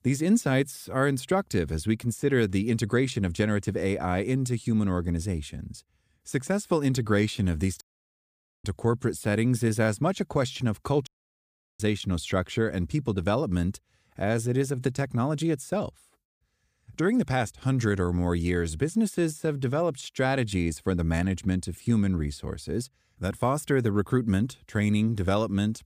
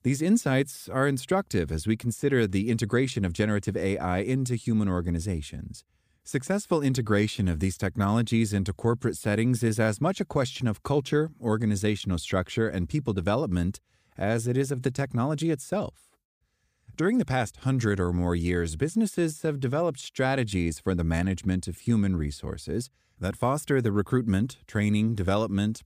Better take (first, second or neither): second